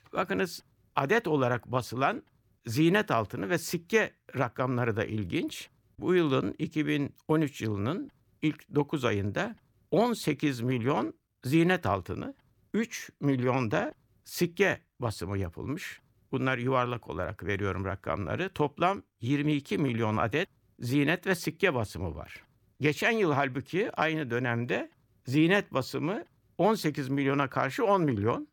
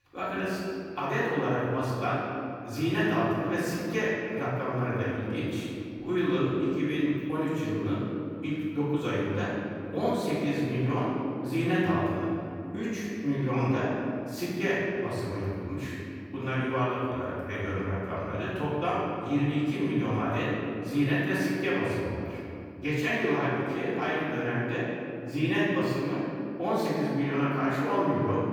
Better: first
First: none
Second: room echo; strong; dies away in 2.6 s // off-mic speech; far

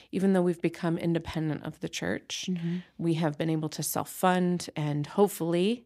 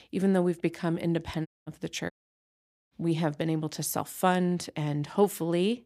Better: first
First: none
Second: audio cutting out; at 1.5 s and at 2 s for 1 s

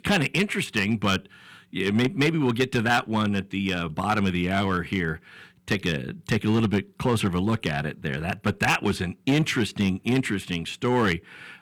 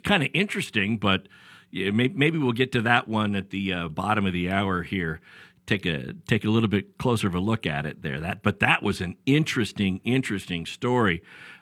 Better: second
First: distortion; slight; 3% of the sound clipped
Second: none

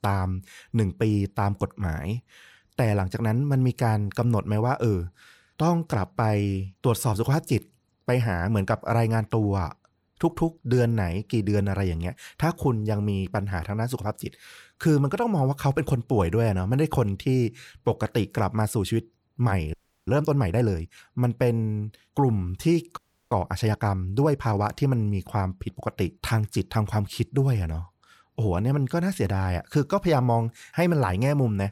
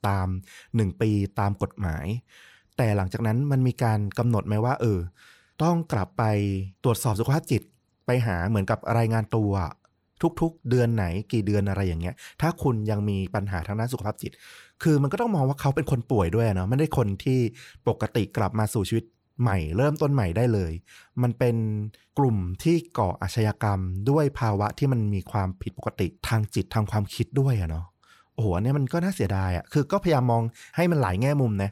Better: second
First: audio freezing; at 20 s and at 23 s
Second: none

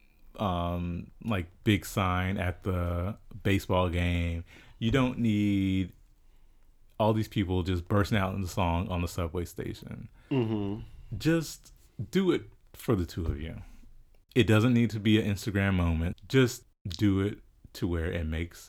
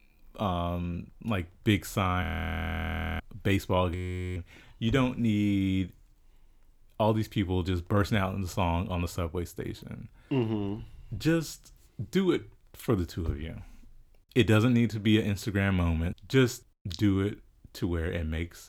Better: first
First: none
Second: audio freezing; at 2 s for 1 s and at 4 s

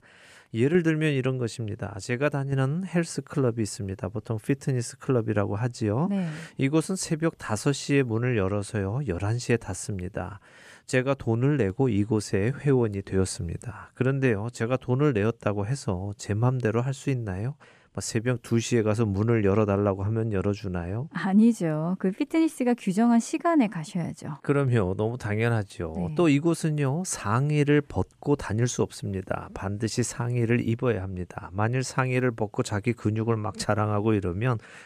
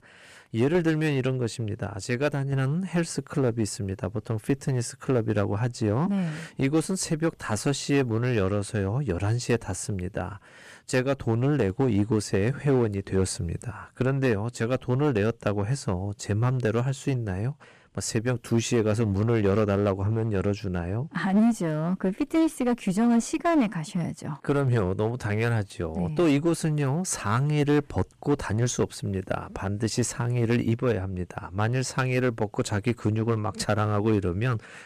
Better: first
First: none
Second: distortion; slight; 7% of the sound clipped

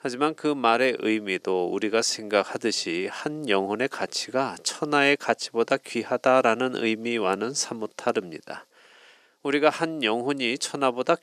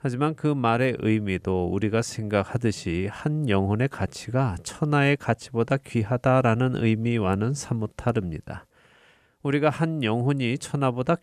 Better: second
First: thin; somewhat; fading below 300 Hz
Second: none

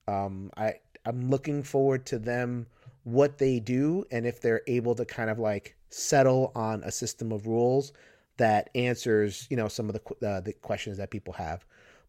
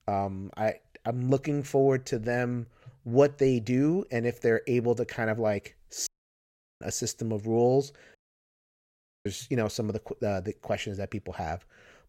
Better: first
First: none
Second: audio cutting out; at 6 s for 0.5 s and at 8 s for 1 s

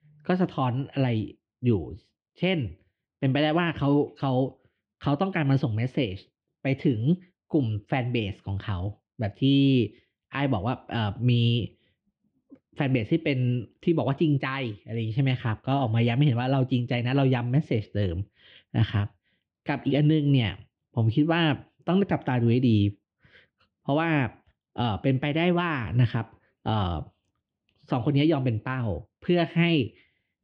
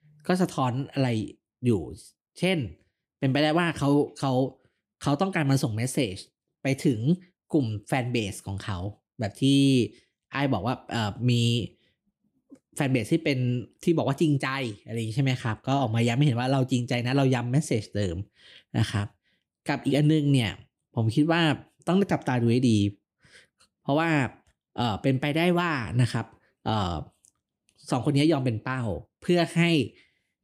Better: second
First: muffled; slightly; fading above 3 kHz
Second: none

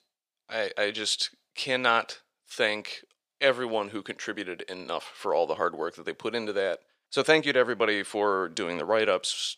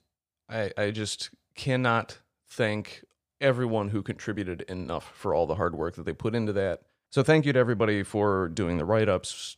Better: second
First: thin; somewhat; fading below 400 Hz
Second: none

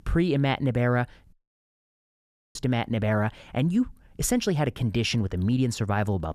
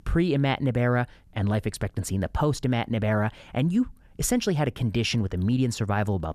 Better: second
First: audio cutting out; at 1.5 s for 1 s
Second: none

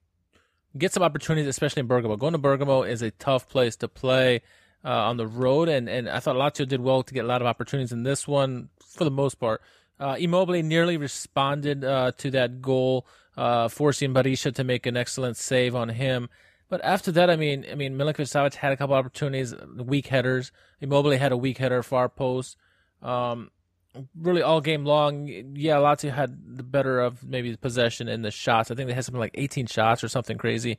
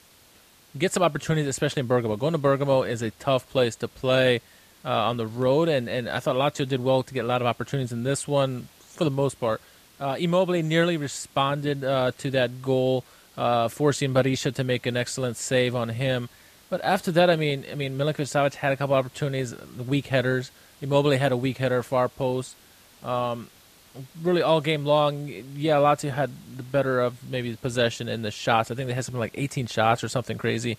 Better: first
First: none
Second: hiss; faint; throughout; 25 dB below the speech

